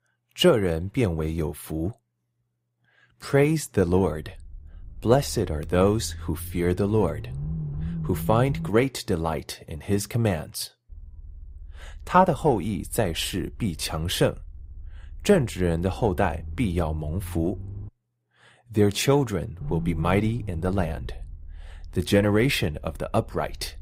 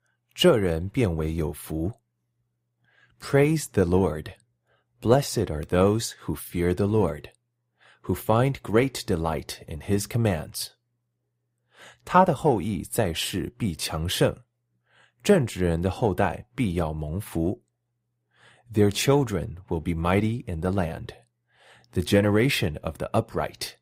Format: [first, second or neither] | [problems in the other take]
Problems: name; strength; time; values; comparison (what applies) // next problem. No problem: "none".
second | low rumble; faint; from 4 to 8.5 s, from 11 to 18 s and from 20 s on; 20 dB below the speech